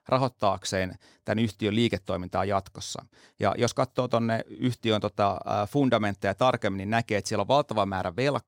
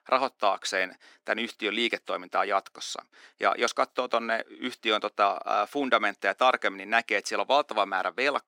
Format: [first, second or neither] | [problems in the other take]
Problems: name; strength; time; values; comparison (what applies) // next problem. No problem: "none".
first | thin; somewhat; fading below 300 Hz